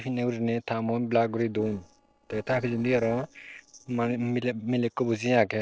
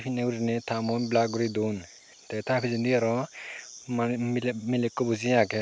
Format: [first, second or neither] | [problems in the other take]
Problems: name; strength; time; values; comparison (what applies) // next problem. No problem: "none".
second | noise reduction (neural separator model SepFormer DNS4)